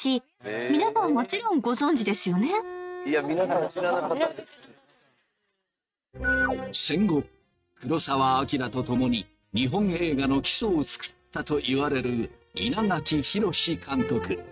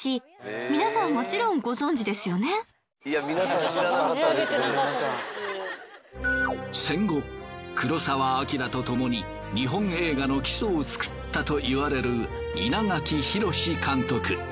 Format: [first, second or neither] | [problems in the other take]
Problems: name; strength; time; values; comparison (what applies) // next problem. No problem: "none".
second | noise reduction (neural mask model RNNoise)